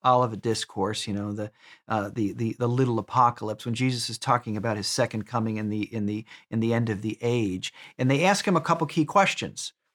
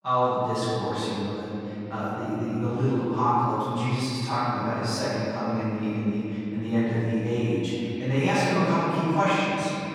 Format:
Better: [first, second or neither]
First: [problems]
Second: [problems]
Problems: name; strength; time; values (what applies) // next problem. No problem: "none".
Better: first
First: none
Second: off-mic speech; far // room echo; strong; dies away in 2.9 s